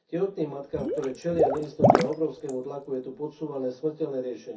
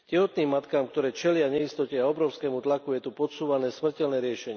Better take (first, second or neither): second